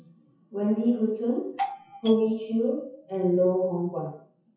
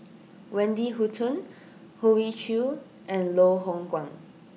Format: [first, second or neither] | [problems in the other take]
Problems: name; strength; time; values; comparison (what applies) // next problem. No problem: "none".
second | noise reduction (classical method WPE with log-MMSE)